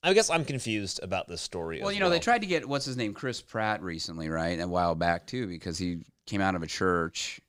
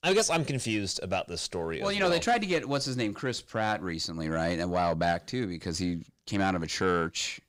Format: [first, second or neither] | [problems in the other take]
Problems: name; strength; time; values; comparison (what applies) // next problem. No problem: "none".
first | distortion; slight; 10 dB below the speech